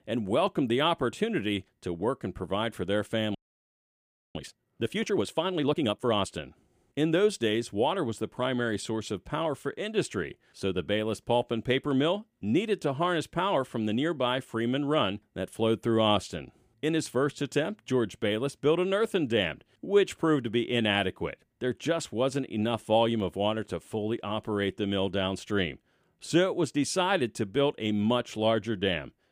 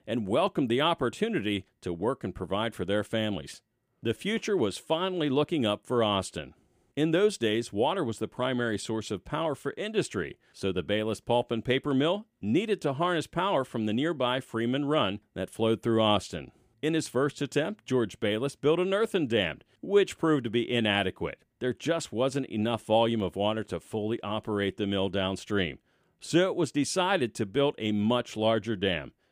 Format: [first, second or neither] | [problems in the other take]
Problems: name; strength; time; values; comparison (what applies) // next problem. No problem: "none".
second | audio freezing; at 3.5 s for 1 s